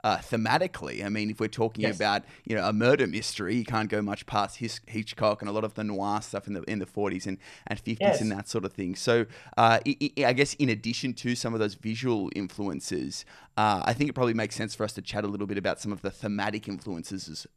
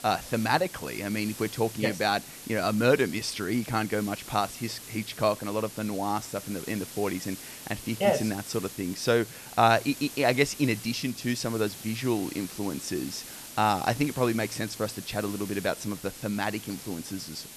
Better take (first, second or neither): first